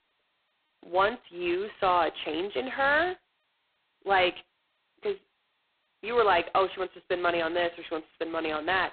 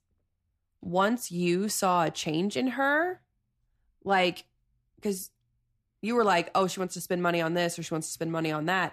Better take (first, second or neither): second